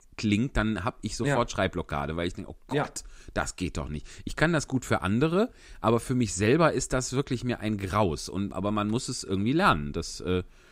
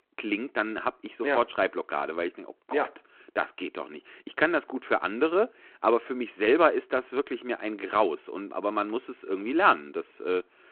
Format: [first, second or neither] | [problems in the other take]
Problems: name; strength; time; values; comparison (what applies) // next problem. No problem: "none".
first | phone-call audio